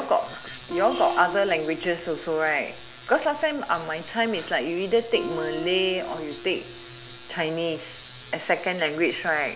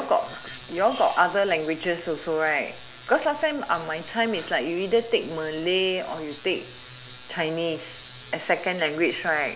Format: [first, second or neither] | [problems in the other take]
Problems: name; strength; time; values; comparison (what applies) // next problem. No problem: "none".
second | background sound (Acoustic guitar); 12 dB below the speech